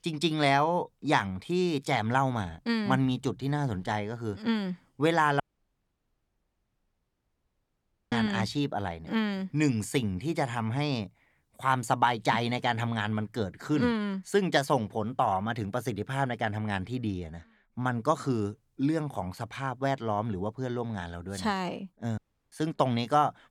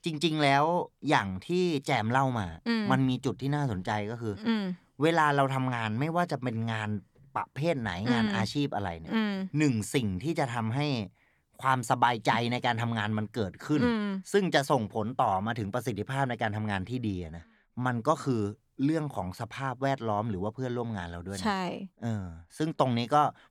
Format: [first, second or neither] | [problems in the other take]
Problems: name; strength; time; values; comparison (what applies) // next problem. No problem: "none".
second | audio cutting out; at 5.5 s for 2.5 s and at 22 s